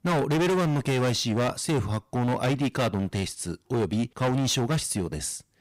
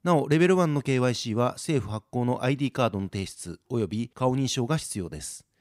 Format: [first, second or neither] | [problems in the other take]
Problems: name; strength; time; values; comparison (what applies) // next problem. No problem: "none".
second | distortion; heavy; 20% of the sound clipped